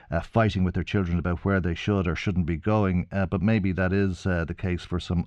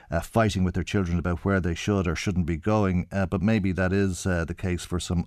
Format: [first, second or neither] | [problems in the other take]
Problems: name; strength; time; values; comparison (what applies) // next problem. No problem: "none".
second | muffled; slightly; fading above 3.5 kHz